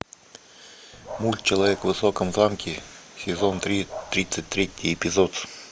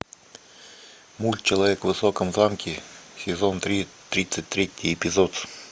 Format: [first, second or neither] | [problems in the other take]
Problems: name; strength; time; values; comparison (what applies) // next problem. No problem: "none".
second | background sound (Dog); 15 dB below the speech